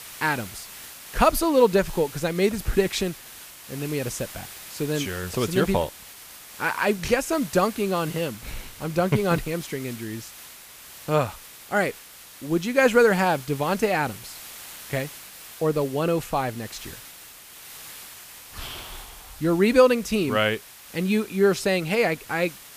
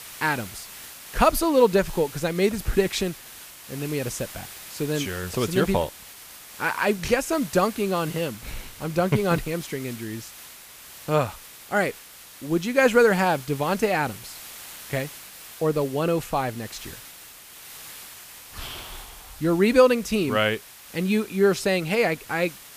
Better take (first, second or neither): neither